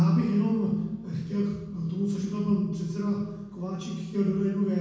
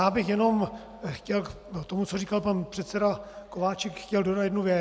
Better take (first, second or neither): second